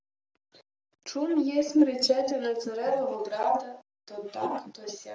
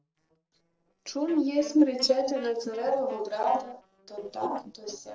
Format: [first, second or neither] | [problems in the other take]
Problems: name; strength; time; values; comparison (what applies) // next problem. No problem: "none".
first | noise reduction (neural separator model SepFormer DNS4)